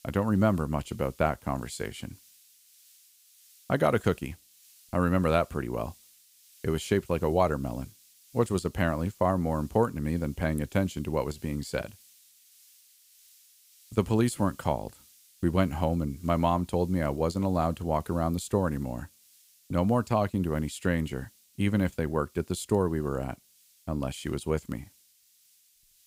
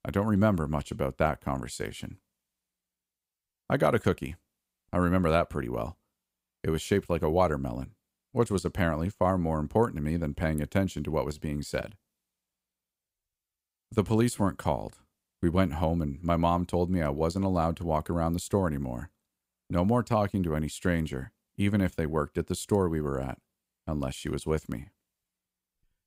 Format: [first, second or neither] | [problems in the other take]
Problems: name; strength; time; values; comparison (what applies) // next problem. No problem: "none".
second | hiss; faint; throughout; 25 dB below the speech